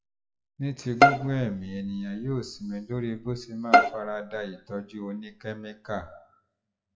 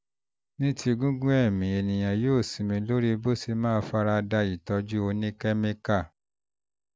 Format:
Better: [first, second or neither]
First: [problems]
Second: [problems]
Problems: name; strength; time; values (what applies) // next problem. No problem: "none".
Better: second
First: noise reduction (classical method WPE with log-MMSE)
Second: none